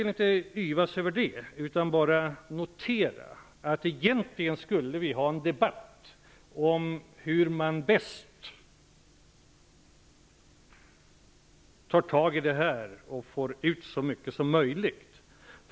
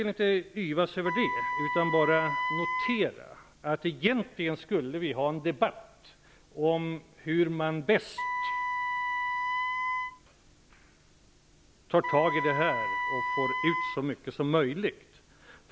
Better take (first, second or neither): first